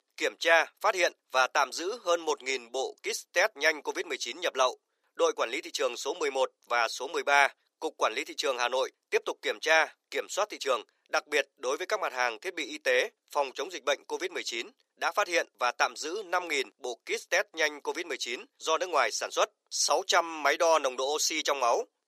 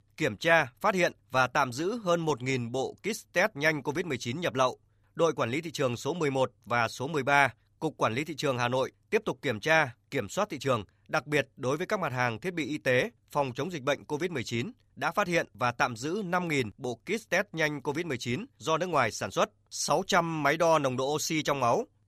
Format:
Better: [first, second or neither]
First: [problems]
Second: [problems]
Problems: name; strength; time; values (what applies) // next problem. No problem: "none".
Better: second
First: thin; very; fading below 350 Hz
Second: none